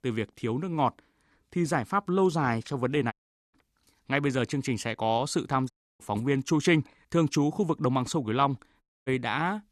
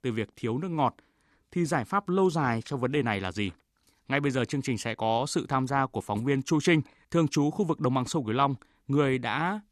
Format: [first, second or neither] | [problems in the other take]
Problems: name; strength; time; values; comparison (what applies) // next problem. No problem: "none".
second | audio cutting out; at 3 s, at 5.5 s and at 9 s